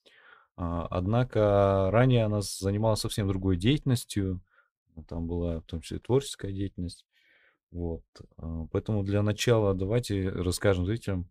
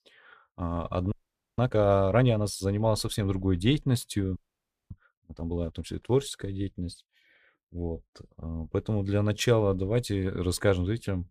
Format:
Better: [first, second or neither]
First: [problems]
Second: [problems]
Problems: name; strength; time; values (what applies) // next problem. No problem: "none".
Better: first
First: none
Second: audio freezing; at 1 s and at 4.5 s for 0.5 s